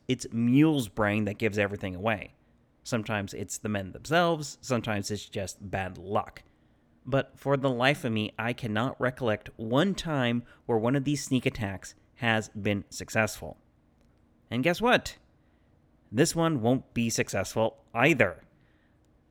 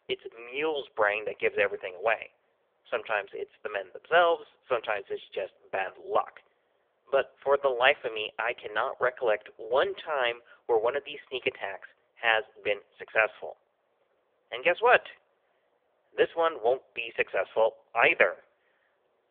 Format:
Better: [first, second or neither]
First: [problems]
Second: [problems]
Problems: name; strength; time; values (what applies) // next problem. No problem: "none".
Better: first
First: none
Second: phone-call audio; poor line